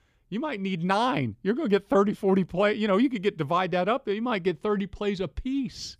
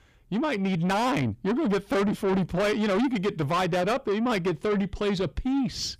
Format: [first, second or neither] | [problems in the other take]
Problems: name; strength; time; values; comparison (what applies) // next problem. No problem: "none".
first | distortion; heavy; 7 dB below the speech